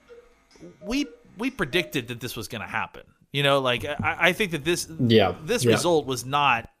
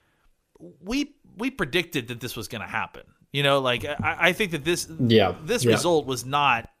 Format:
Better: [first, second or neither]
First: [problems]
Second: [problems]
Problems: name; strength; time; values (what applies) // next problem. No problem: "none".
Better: second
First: household noises; faint; until 2 s; 25 dB below the speech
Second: none